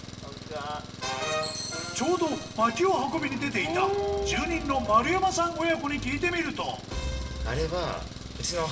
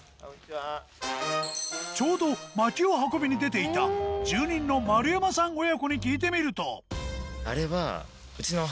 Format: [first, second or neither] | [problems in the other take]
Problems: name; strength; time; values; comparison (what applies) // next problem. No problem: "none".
second | background sound (Engine); 13 dB below the speech // room echo; dies away in 1.4 s